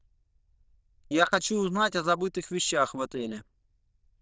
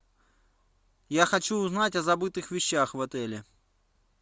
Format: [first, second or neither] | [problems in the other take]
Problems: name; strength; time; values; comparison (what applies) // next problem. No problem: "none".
second | noise reduction (neural diffusion model UNIVERSE++)